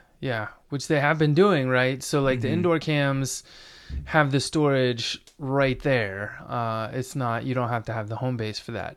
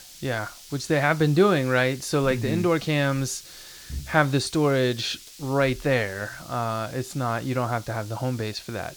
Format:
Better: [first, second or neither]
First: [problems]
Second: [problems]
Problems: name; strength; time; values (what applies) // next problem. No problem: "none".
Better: first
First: none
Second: hiss; noticeable; throughout; 20 dB below the speech